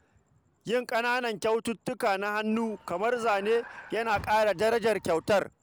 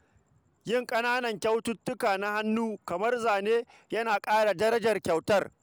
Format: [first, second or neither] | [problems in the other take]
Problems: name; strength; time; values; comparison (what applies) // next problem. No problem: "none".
second | background sound (Vehicle); 19 dB below the speech